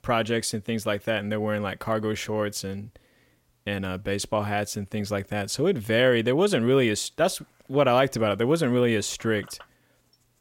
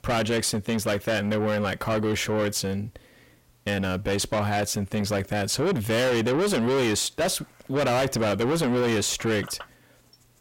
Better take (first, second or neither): first